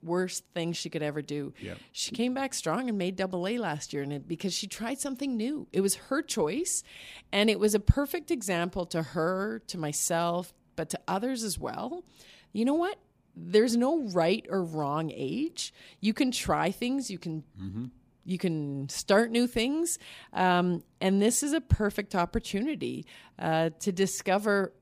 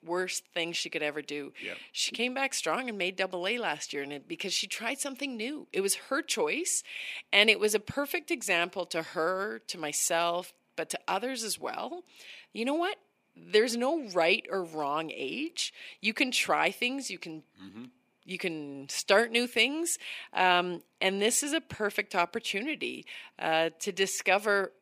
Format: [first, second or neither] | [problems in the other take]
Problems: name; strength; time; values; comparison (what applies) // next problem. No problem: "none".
first | thin; somewhat; fading below 350 Hz